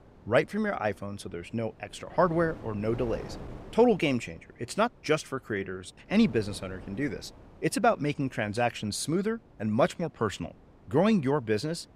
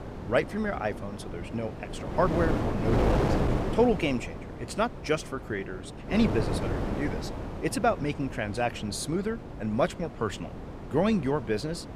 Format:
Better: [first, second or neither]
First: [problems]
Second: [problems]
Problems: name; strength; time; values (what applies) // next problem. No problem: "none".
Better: first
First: wind noise on the microphone; occasional gusts; 25 dB below the speech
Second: wind noise on the microphone; heavy; 6 dB below the speech